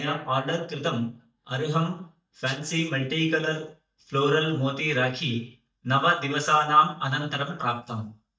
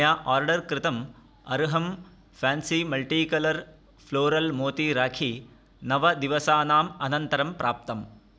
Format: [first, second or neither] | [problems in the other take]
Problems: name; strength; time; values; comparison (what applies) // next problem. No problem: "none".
second | noise reduction (neural mask model DeepFilterNet 3)